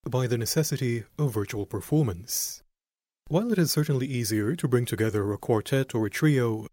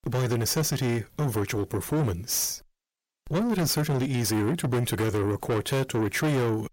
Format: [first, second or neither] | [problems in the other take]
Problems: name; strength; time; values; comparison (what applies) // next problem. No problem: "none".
first | distortion; heavy; 7 dB below the speech